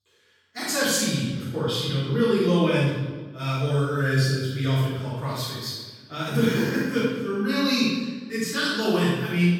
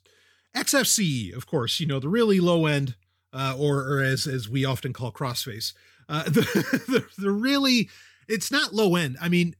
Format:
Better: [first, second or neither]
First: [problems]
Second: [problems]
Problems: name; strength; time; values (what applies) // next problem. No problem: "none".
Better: second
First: off-mic speech; far // room echo; strong; dies away in 1.1 s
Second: none